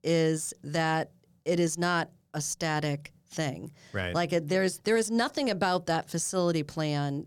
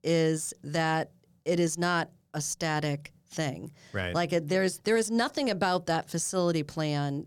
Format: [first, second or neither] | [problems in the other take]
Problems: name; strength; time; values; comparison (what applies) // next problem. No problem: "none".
neither | none